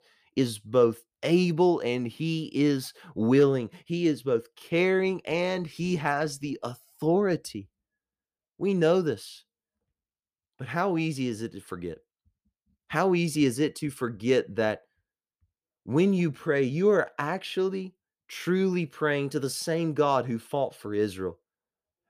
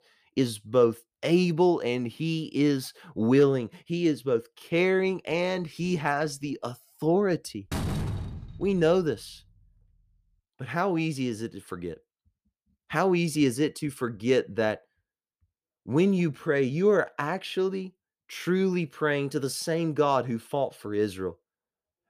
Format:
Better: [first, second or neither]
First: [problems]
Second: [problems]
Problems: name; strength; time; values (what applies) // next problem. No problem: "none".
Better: first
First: none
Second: door banging; noticeable; from 7.5 to 9 s; peak 3 dB below the speech